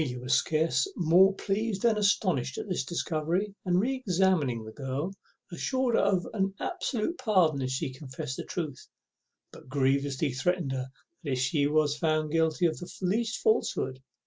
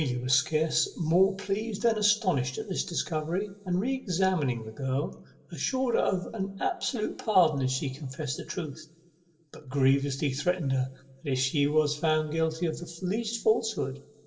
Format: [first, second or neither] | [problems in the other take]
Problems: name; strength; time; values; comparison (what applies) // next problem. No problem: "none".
first | room echo; dies away in 1 s